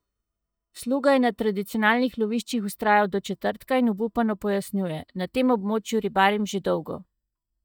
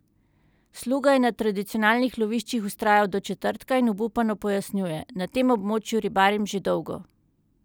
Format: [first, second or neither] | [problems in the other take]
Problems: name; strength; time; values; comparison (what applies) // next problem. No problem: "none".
second | noise reduction (neural mask model DeepFilterNet 3)